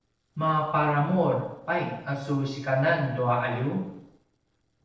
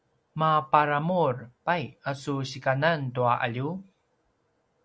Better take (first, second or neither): second